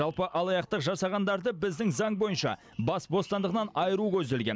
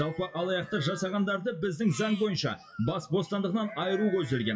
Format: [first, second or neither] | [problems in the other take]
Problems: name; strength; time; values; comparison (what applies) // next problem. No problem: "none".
first | noise reduction (classical method WPE with log-MMSE)